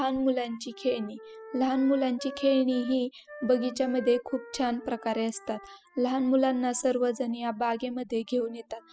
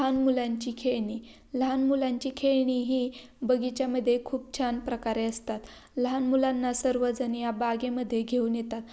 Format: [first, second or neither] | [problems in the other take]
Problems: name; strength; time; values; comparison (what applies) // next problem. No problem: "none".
second | noise reduction (classical method spectral subtraction)